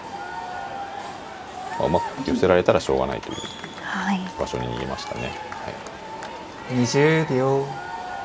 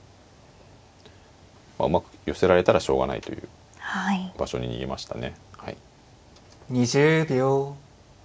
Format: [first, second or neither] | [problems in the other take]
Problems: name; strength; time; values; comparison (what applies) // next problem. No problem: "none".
second | background sound (Crowd / Cheering); 8 dB below the speech